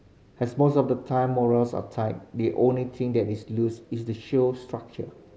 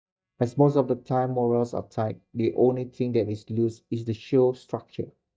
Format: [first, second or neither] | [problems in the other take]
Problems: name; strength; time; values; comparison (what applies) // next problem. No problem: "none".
first | noise reduction (neural mask model DeepFilterNet 3)